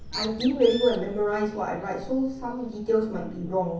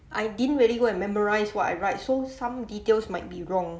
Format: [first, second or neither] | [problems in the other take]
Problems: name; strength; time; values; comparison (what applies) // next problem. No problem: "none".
second | background sound (Bird); 14 dB below the speech // room echo; dies away in 0.6 s